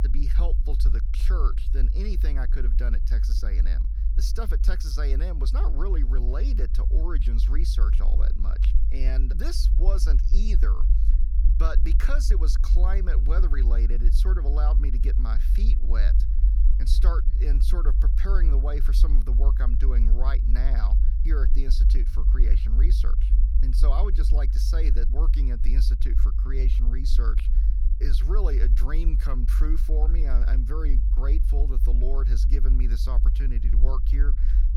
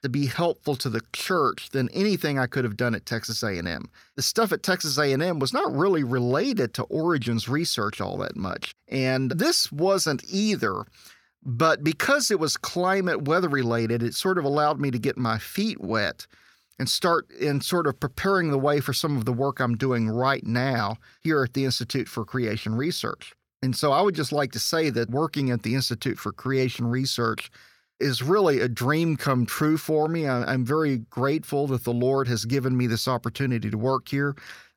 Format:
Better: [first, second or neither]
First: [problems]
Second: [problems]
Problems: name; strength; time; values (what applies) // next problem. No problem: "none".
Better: second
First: low rumble; loud; throughout; 7 dB below the speech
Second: none